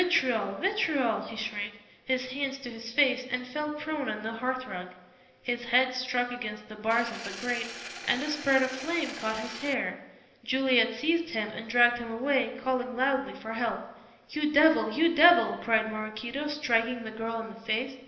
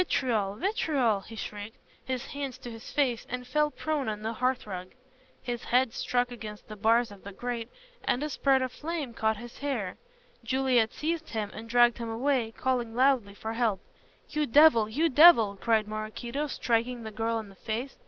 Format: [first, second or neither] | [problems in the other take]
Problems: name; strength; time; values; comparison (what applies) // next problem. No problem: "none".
second | background sound (Engine); 11 dB below the speech // room echo; dies away in 0.8 s